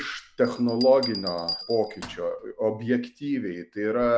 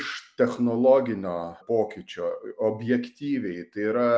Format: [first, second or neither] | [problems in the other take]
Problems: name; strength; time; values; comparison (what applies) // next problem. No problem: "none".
second | background sound (Bell); 14 dB below the speech